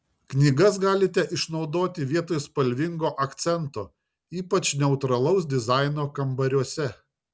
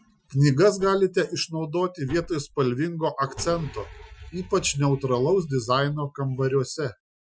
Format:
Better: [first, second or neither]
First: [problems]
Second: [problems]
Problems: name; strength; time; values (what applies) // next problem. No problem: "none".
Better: first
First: none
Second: noise reduction (classical method Wiener filter)